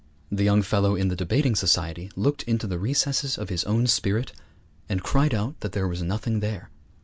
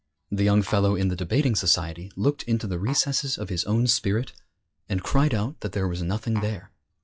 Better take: first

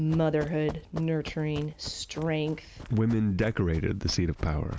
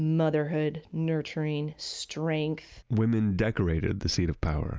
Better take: second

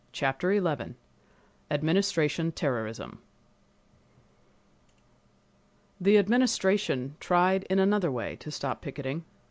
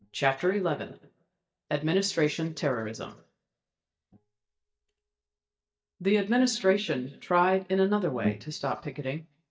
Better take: first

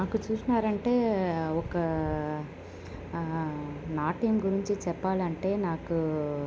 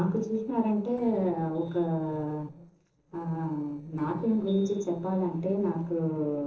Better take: first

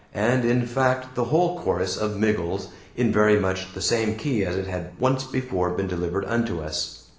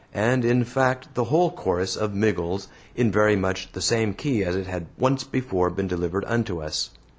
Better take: second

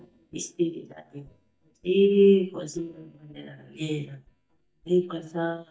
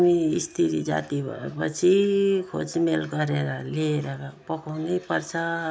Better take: second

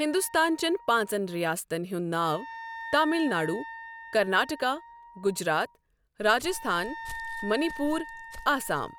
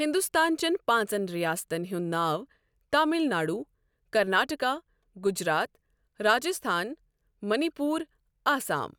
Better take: second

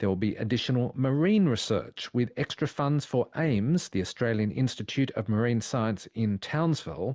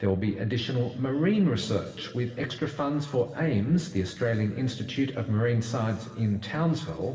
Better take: first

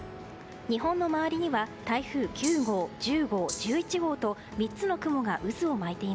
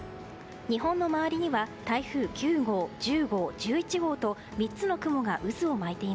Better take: second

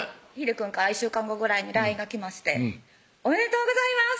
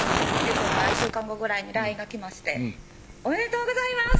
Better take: first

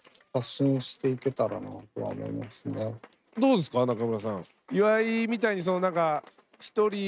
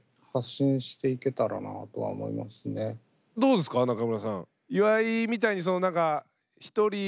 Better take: second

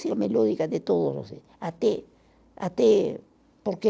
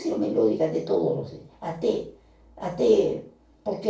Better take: first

